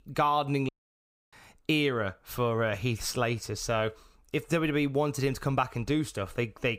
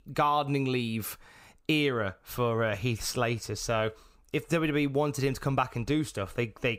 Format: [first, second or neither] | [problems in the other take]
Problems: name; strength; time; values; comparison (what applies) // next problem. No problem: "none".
second | audio cutting out; at 0.5 s for 0.5 s